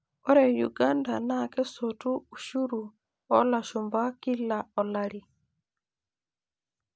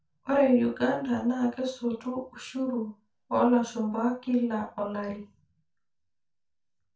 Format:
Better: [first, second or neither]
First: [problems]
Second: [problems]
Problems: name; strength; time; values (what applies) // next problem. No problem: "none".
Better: first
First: none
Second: room echo; dies away in 0.3 s